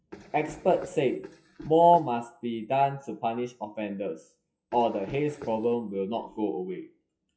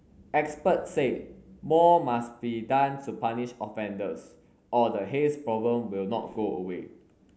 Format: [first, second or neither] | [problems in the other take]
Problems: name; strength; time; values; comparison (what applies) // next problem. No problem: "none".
second | noise reduction (classical method WPE with log-MMSE)